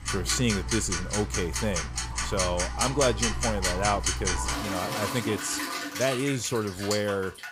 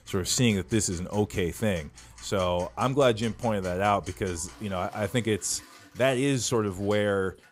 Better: second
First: household noises; loud; throughout; 1 dB below the speech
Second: household noises; faint; throughout; 20 dB below the speech

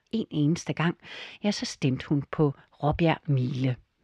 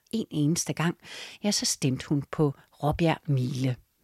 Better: second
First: muffled; slightly; fading above 3 kHz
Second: none

